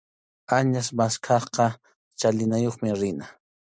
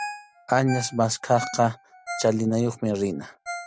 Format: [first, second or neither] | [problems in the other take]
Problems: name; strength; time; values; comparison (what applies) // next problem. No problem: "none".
first | background sound (Ringtone); 13 dB below the speech